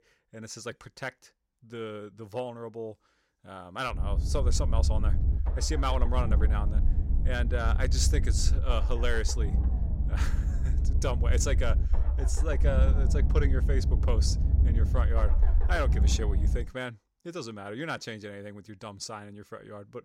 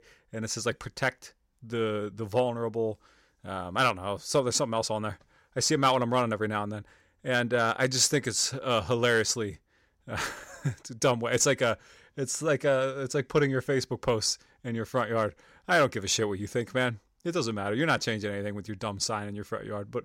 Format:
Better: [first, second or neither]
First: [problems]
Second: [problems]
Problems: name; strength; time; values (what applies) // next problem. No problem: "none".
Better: second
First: low rumble; loud; from 4 to 17 s; 9 dB below the speech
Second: none